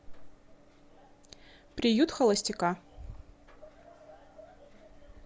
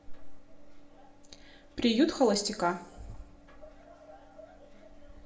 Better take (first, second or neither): first